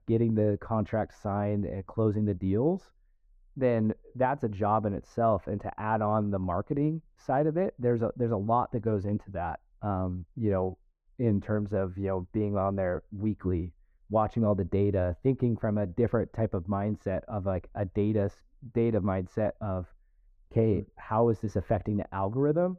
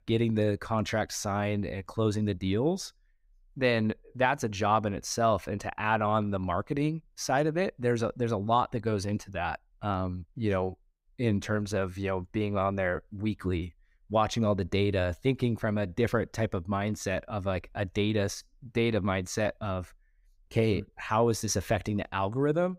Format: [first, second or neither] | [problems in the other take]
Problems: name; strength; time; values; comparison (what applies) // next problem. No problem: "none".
second | muffled; very; fading above 2 kHz